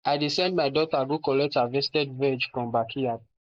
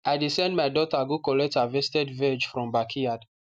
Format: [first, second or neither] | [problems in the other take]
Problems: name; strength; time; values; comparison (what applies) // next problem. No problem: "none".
second | noise reduction (neural mask model Resemble Enhance denoiser)